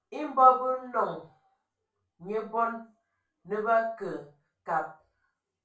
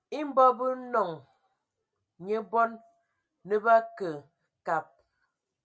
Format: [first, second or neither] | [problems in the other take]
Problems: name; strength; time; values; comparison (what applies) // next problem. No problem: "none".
second | room echo; dies away in 0.3 s